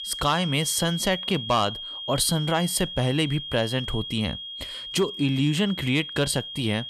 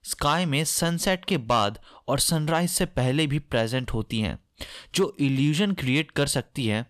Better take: second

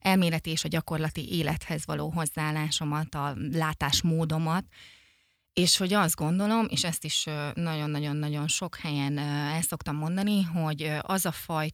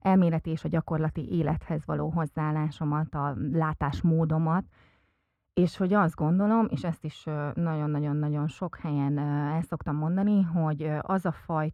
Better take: first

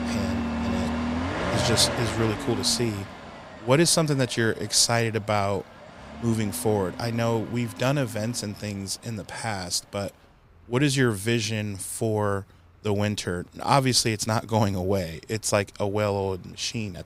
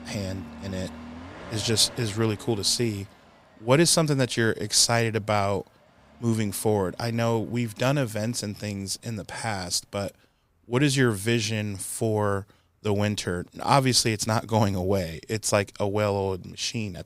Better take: second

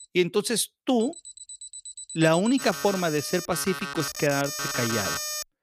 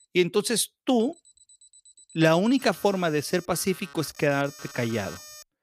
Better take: second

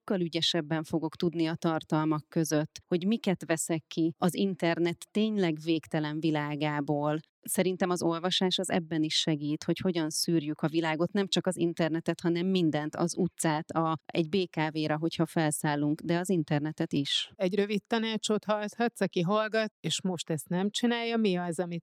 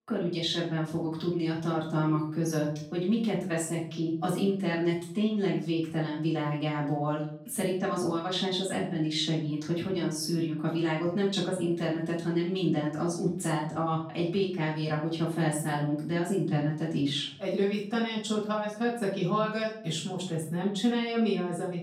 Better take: first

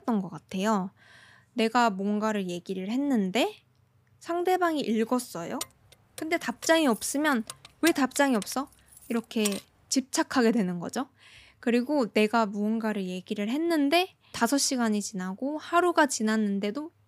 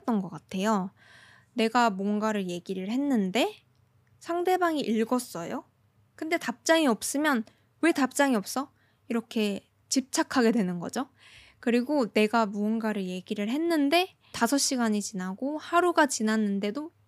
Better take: second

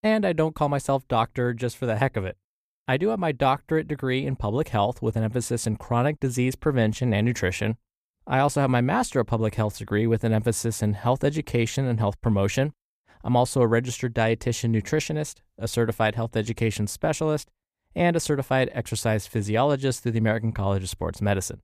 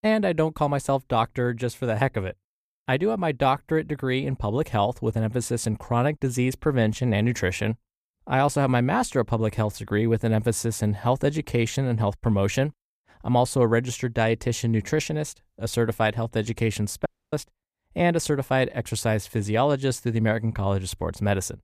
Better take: first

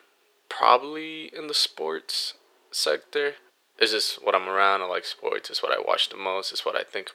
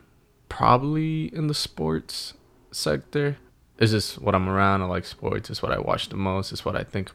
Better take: second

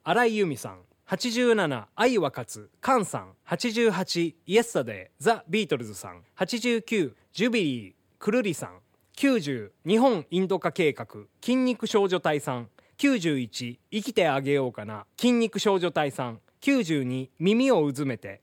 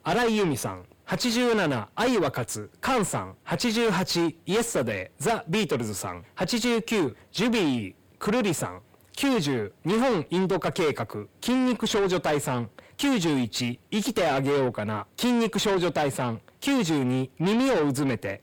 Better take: first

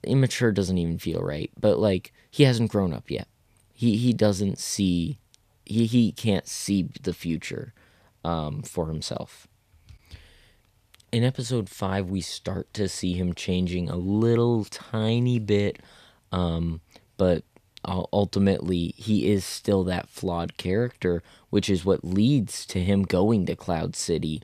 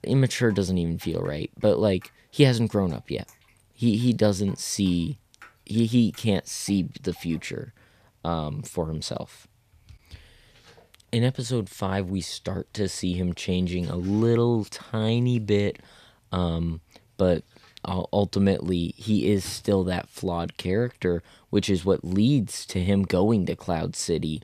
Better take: first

